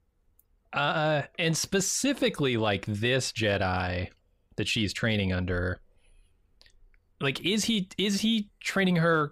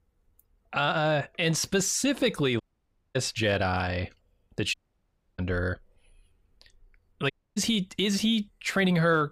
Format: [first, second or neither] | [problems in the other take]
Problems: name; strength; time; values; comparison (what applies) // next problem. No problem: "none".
first | audio cutting out; at 2.5 s for 0.5 s, at 4.5 s for 0.5 s and at 7.5 s